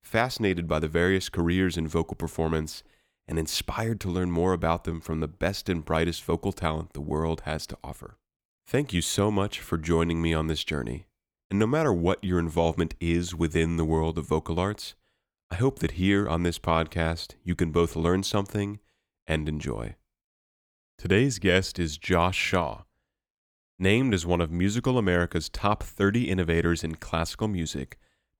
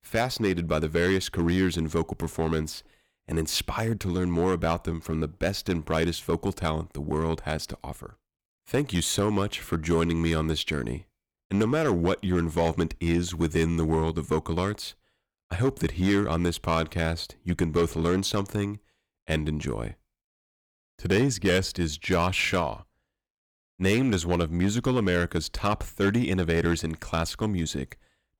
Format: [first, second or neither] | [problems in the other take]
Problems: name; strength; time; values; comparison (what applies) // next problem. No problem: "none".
first | distortion; slight; 4% of the sound clipped